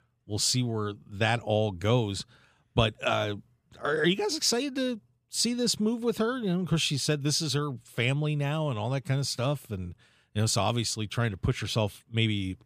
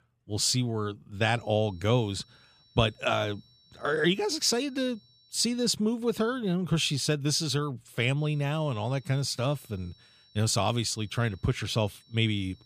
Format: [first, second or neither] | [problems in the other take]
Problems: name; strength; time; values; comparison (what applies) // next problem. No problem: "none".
first | high-pitched whine; faint; from 1.5 to 5.5 s and from 8 s on; 4 kHz, 30 dB below the speech